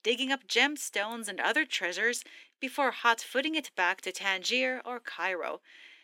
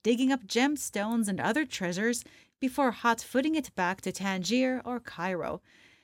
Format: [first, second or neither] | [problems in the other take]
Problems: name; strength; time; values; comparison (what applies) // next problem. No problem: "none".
second | thin; somewhat; fading below 300 Hz